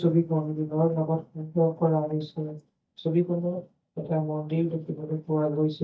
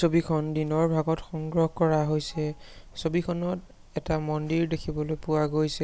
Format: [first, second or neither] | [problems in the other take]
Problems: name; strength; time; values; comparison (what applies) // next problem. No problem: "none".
second | noise reduction (neural mask model DeepFilterNet 3)